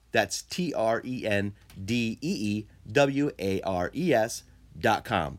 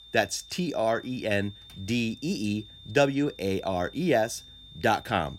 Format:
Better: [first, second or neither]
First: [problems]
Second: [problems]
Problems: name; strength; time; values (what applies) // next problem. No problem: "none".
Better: first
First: none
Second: high-pitched whine; noticeable; throughout; 3.5 kHz, 20 dB below the speech